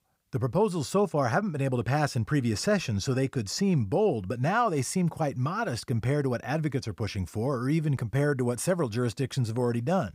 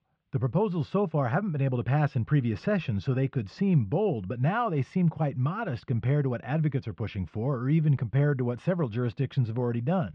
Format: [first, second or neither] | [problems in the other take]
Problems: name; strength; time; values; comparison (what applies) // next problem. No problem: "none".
first | muffled; very; fading above 3 kHz